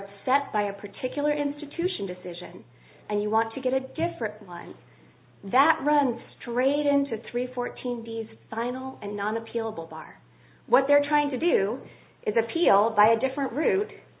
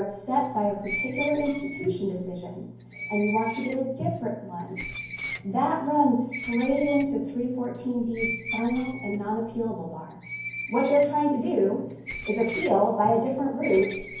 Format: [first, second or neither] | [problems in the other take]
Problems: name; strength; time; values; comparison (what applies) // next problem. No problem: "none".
first | background sound (Screech); 12 dB below the speech // room echo; dies away in 0.9 s